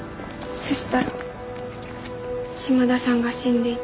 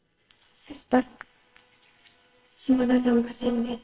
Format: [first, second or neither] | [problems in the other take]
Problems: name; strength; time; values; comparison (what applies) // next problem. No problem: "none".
first | noise reduction (neural separator model SepFormer WHAMR!)